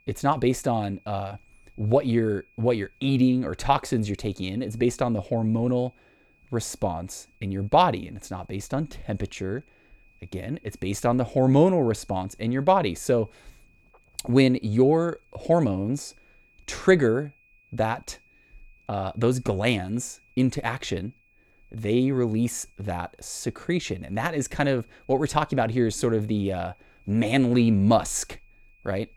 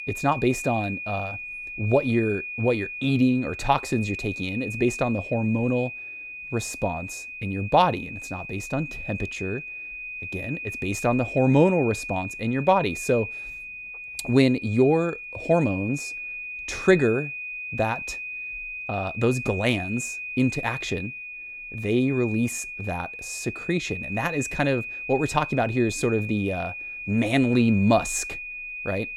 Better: first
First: high-pitched whine; faint; throughout; 2.5 kHz, 35 dB below the speech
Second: high-pitched whine; loud; throughout; 2.5 kHz, 8 dB below the speech

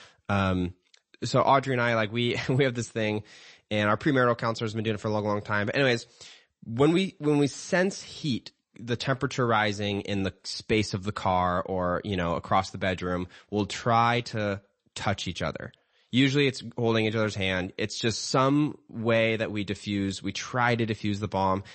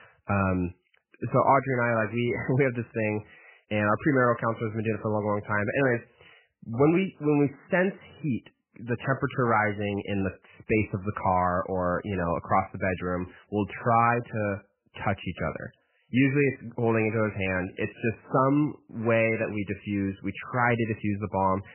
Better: first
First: garbled, watery; slightly; nothing above 8 kHz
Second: garbled, watery; badly; nothing above 3 kHz

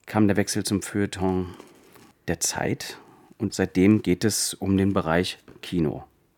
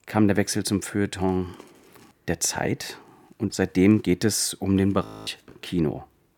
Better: first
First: none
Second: audio freezing; at 5 s

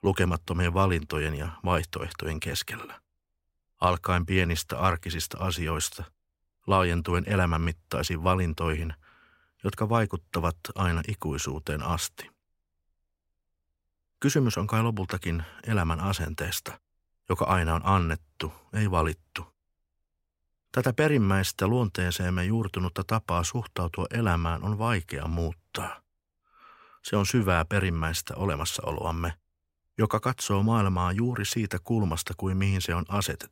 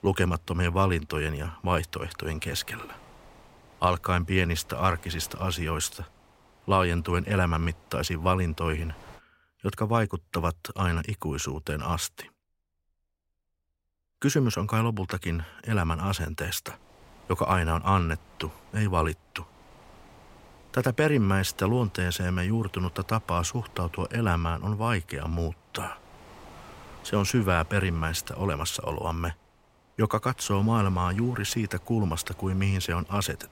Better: first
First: none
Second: wind noise on the microphone; occasional gusts; until 9 s and from 17 s on; 25 dB below the speech

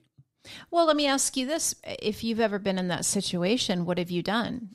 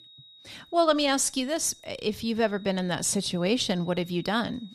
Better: first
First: none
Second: high-pitched whine; faint; throughout; 4 kHz, 25 dB below the speech

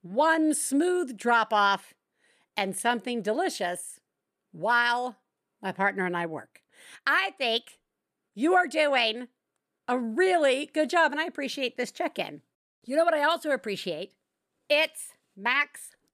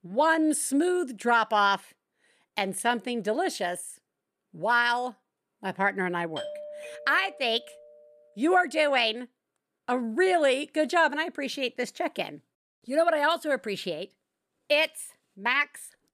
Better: first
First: none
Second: doorbell; faint; from 6.5 to 8 s; peak 10 dB below the speech

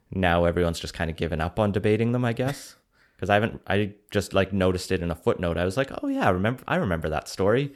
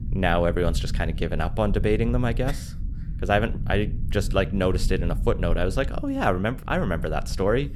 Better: first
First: none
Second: low rumble; noticeable; throughout; 20 dB below the speech

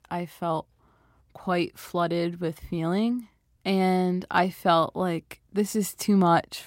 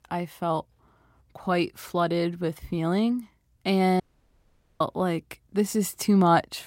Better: first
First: none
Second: audio cutting out; at 4 s for 1 s

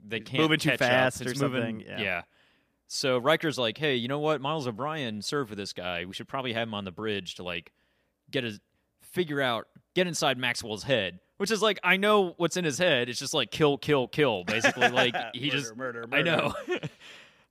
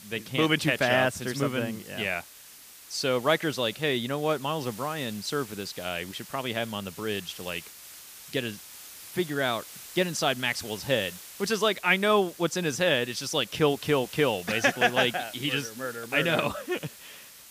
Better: first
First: none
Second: hiss; noticeable; throughout; 15 dB below the speech

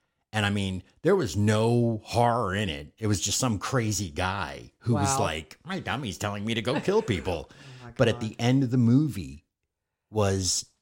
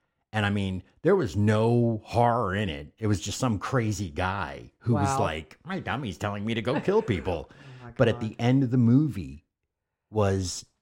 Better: first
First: none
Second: muffled; slightly; fading above 3 kHz

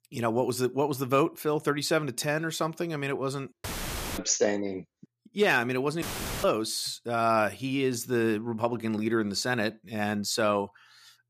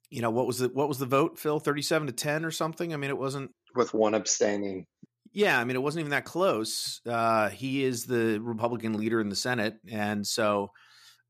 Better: second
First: audio cutting out; filled with static; at 3.5 s for 0.5 s and at 6 s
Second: none

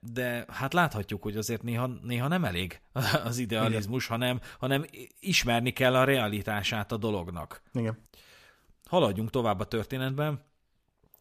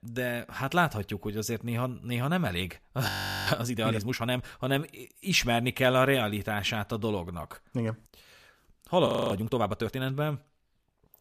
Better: first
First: none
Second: audio freezing; at 3 s and at 9 s

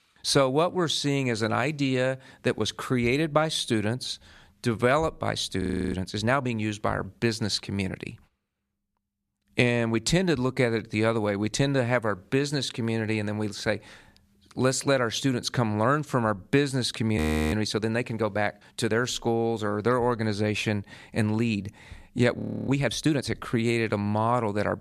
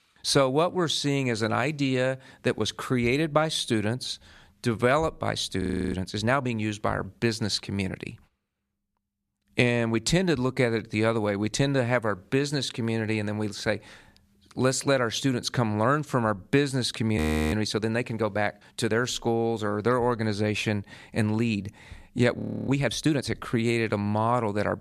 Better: neither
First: audio freezing; at 5.5 s, at 17 s and at 22 s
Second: audio freezing; at 5.5 s, at 17 s and at 22 s

